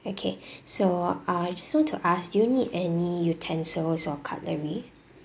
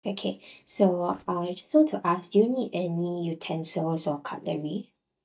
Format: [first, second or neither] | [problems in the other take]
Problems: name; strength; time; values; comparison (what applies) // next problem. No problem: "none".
first | noise reduction (neural mask model DeepFilterNet 3)